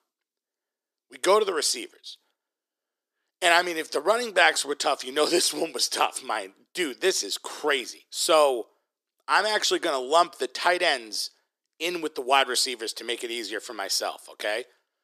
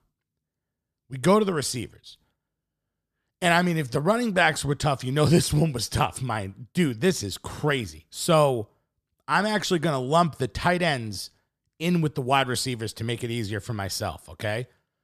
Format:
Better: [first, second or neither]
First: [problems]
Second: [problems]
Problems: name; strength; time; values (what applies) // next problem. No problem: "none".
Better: second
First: thin; very; fading below 350 Hz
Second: none